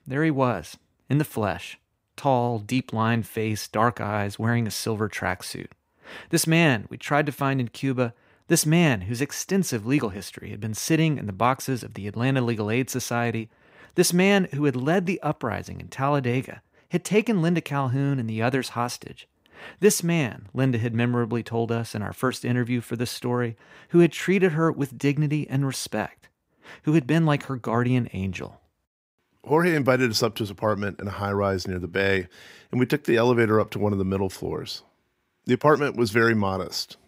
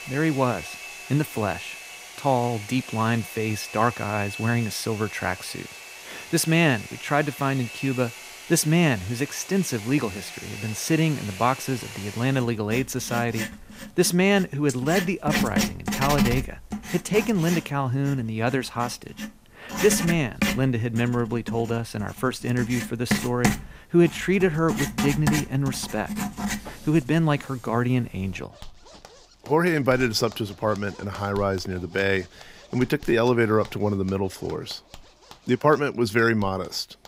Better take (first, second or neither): first